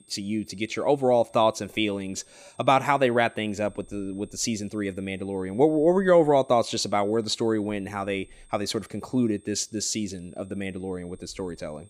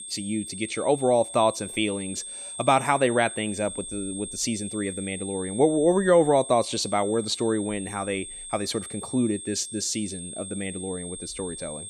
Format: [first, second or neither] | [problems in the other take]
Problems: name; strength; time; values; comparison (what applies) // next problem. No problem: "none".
first | high-pitched whine; loud; throughout; 8.5 kHz, 9 dB below the speech; faint in the first